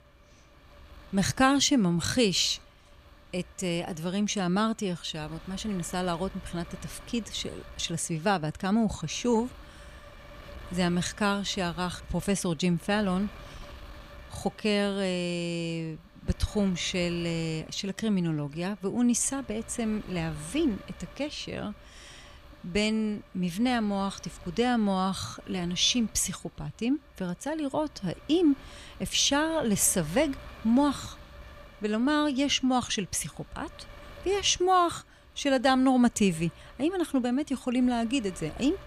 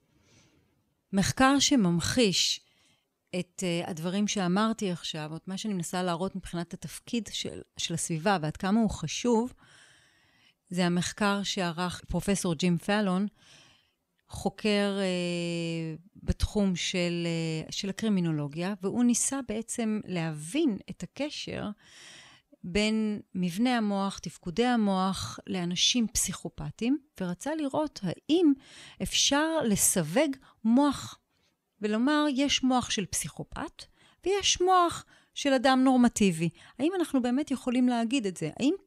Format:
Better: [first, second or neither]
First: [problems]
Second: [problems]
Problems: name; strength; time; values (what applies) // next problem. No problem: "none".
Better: second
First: wind noise on the microphone; occasional gusts; 20 dB below the speech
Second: none